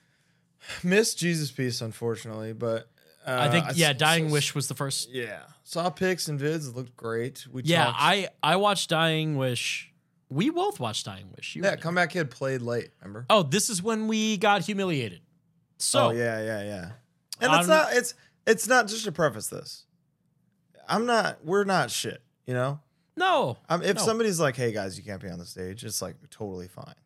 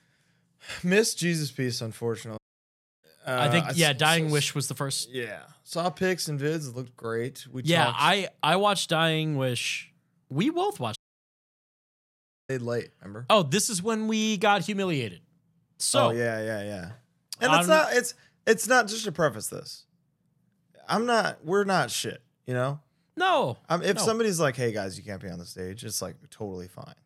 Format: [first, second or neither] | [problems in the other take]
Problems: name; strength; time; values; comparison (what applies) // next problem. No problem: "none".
first | audio cutting out; at 2.5 s for 0.5 s and at 11 s for 1.5 s